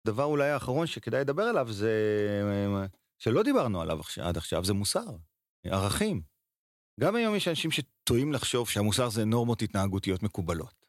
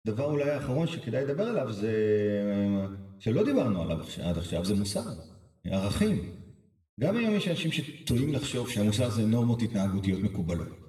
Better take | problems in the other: first | room echo; slight; dies away in 0.8 s // off-mic speech; somewhat distant

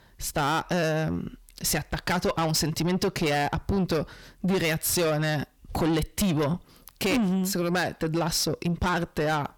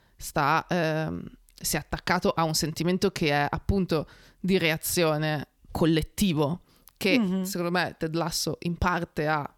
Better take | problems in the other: second | distortion; heavy; 7 dB below the speech

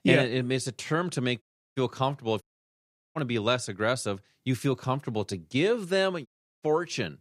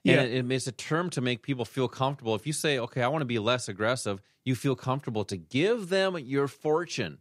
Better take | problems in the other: second | audio cutting out; at 1.5 s, at 2.5 s for 0.5 s and at 6.5 s

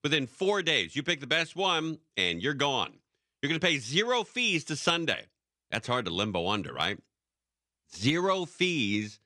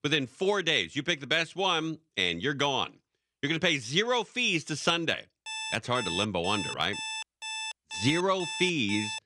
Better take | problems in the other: first | alarm; noticeable; from 5.5 s on; peak 6 dB below the speech

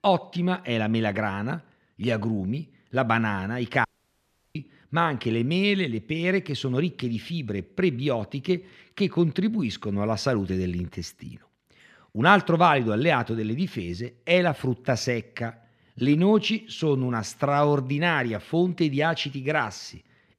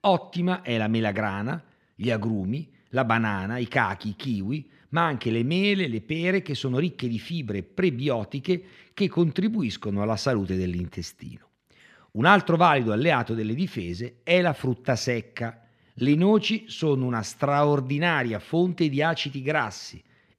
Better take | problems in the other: second | audio cutting out; at 4 s for 0.5 s

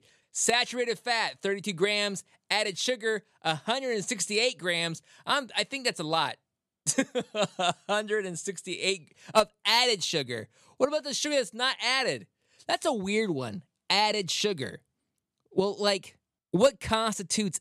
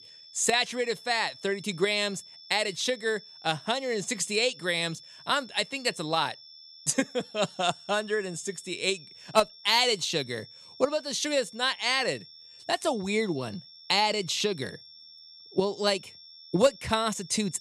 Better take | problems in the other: first | high-pitched whine; noticeable; throughout; 5.5 kHz, 20 dB below the speech

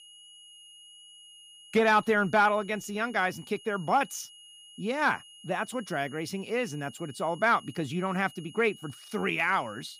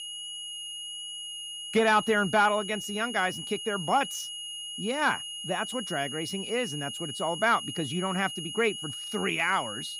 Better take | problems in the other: first | high-pitched whine; loud; throughout; 3 kHz, 7 dB below the speech; faint in the first

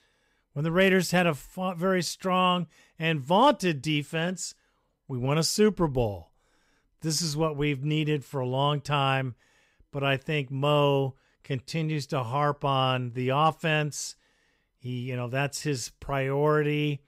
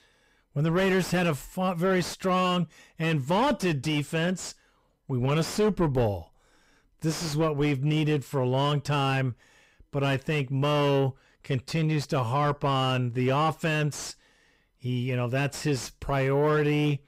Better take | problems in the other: first | distortion; heavy; 7 dB below the speech

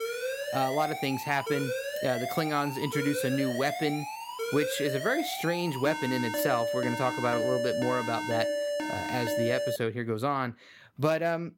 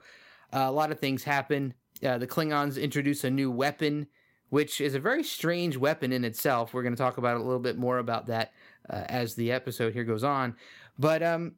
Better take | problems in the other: second | alarm; loud; until 10 s; peak 1 dB above the speech

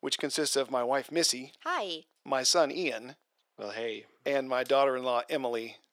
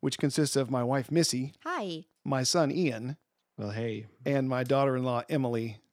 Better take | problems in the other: second | thin; somewhat; fading below 500 Hz

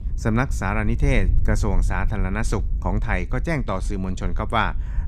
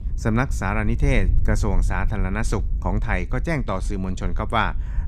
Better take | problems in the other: neither | wind noise on the microphone; occasional gusts; 20 dB below the speech; the same in both

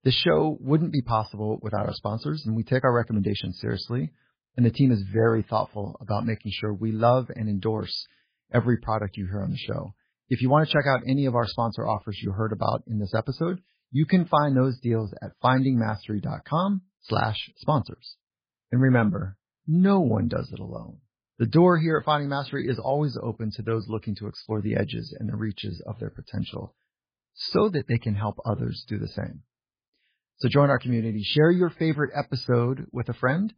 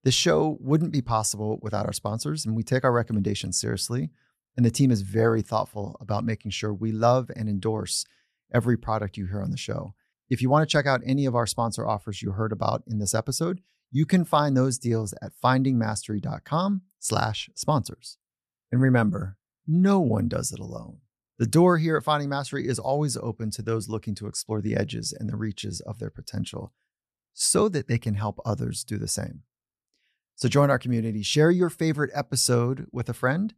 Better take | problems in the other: second | garbled, watery; badly; nothing above 5 kHz

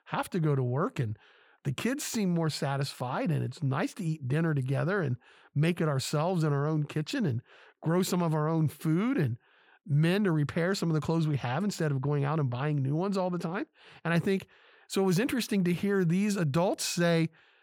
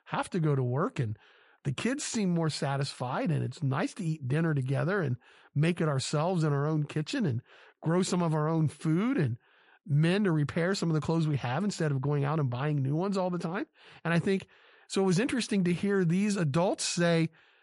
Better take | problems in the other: first | garbled, watery; slightly; nothing above 10.5 kHz

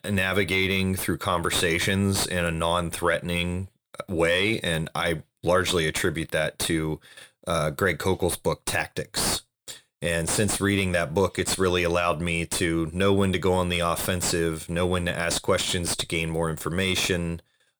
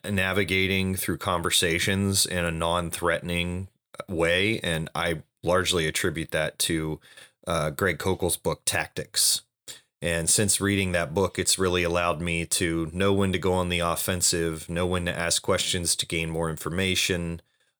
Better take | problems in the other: second | distortion; slight; 10 dB below the speech

